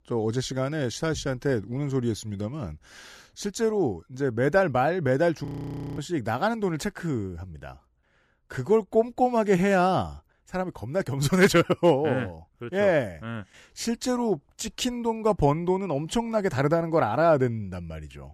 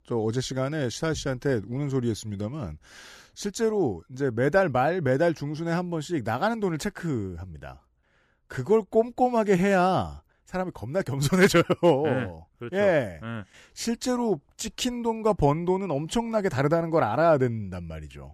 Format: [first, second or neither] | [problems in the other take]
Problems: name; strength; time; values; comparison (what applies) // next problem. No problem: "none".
second | audio freezing; at 5.5 s for 0.5 s